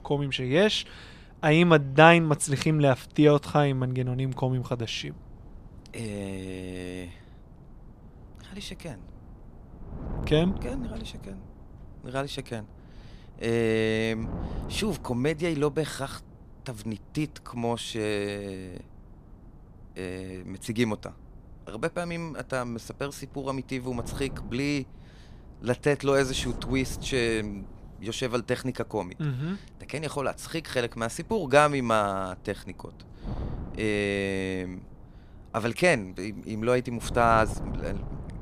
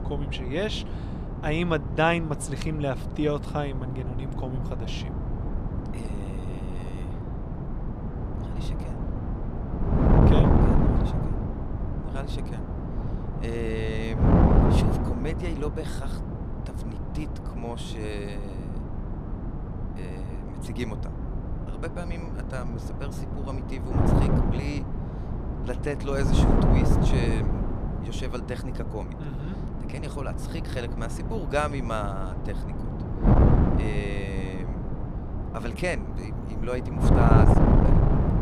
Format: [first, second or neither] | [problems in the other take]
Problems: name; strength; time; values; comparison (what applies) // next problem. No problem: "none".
first | wind noise on the microphone; heavy; 1 dB below the speech; occasional gusts in the first